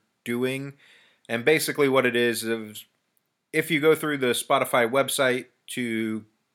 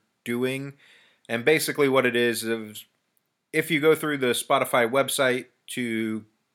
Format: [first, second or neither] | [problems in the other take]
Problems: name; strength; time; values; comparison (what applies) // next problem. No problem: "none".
neither | none